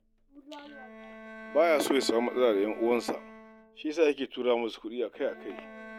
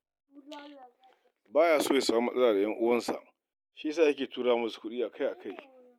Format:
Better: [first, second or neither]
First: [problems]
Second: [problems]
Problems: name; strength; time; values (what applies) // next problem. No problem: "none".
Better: second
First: background sound (Bowed string instrument); 17 dB below the speech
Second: none